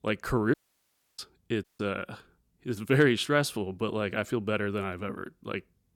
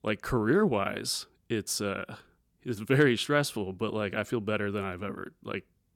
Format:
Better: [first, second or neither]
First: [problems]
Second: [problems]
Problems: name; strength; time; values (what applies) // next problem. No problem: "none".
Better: second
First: audio cutting out; at 0.5 s for 0.5 s and at 1.5 s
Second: none